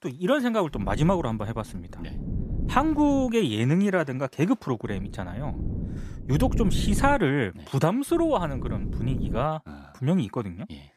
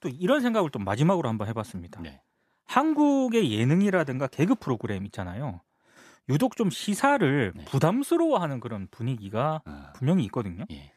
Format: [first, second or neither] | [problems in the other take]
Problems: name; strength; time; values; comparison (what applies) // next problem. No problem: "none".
second | wind noise on the microphone; occasional gusts; from 0.5 to 3.5 s, from 5 to 7 s and from 8 to 9.5 s; 15 dB below the speech